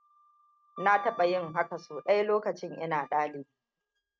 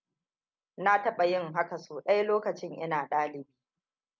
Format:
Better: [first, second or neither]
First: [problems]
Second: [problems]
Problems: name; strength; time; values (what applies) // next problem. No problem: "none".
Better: second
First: noise reduction (neural mask model RNNoise)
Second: none